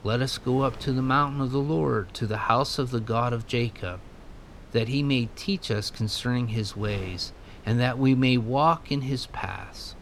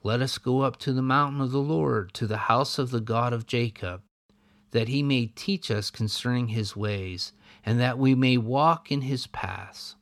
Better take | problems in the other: second | wind noise on the microphone; occasional gusts; 20 dB below the speech

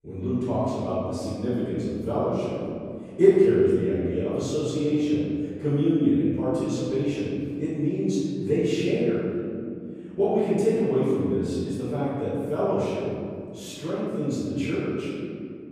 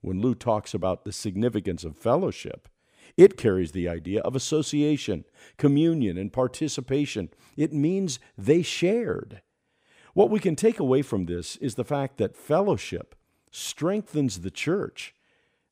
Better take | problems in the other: second | room echo; strong; dies away in 2.8 s // off-mic speech; far

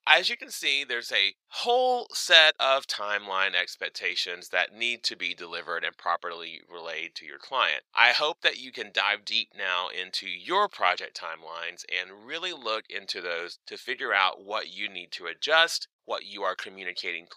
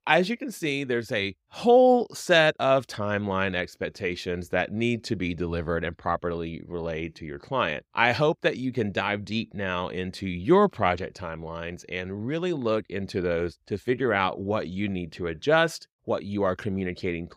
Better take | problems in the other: second | thin; very; fading below 900 Hz

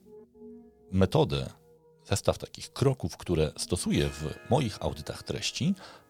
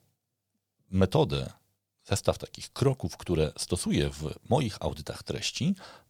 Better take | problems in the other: second | background music; faint; throughout; 25 dB below the speech

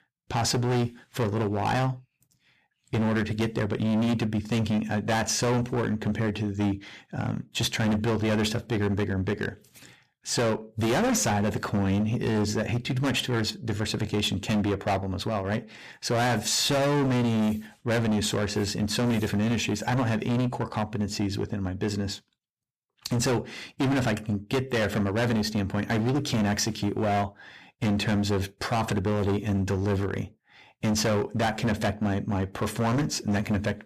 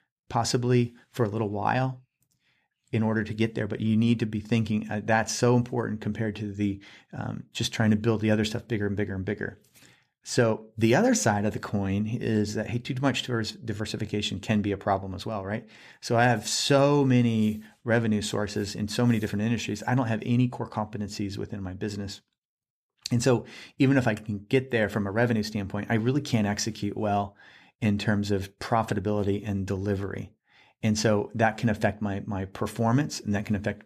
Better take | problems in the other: second | distortion; heavy; 20% of the sound clipped

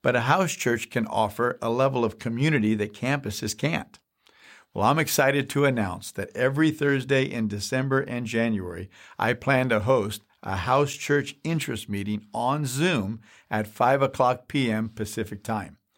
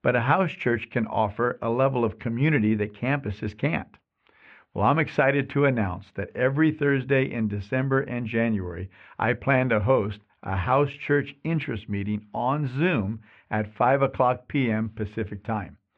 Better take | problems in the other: first | muffled; very; fading above 2.5 kHz

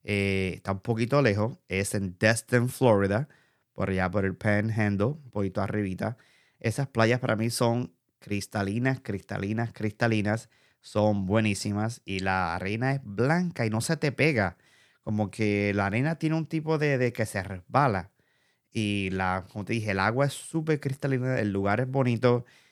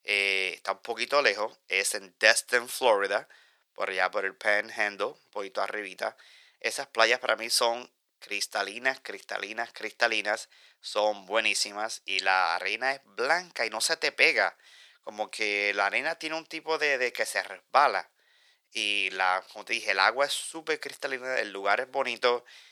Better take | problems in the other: first | thin; very; fading below 550 Hz

